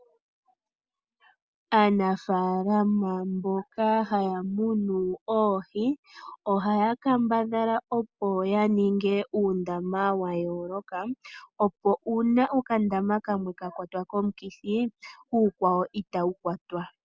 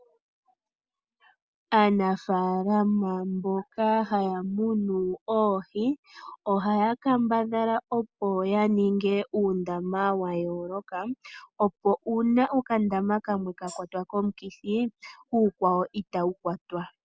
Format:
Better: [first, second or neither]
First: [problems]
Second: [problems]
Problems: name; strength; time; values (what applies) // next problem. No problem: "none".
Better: first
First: none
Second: background sound (Tambourine); 19 dB below the speech